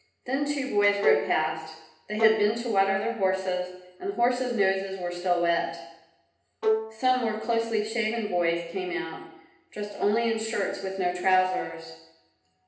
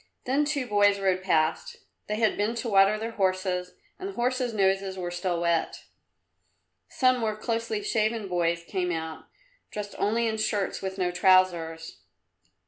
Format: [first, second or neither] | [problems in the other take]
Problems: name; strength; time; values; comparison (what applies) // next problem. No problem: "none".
second | background sound (Bowed string instrument); 2 dB below the speech // room echo; dies away in 0.8 s